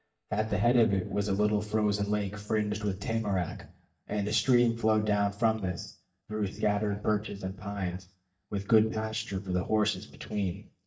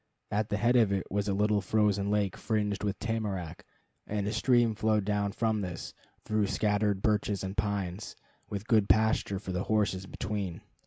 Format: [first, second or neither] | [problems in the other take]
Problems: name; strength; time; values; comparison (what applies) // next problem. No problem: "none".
second | noise reduction (neural mask model DeepFilterNet 3)